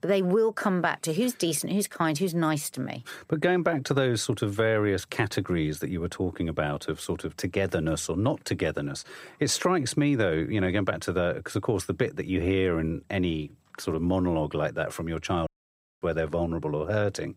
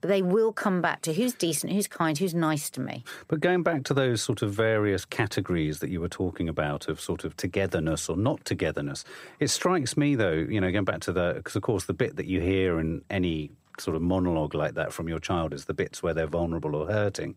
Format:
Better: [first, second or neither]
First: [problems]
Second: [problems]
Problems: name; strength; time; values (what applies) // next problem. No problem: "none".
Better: second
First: audio cutting out; at 15 s for 0.5 s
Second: none